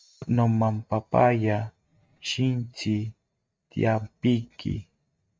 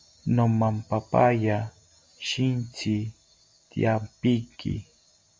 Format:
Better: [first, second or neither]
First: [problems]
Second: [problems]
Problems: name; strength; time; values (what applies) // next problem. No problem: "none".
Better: second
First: noise reduction (neural mask model RNNoise)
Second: none